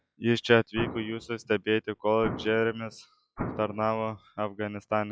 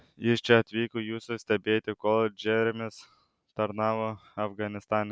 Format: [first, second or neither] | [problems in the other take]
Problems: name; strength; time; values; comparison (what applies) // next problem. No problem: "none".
second | noise reduction (classical method log-MMSE)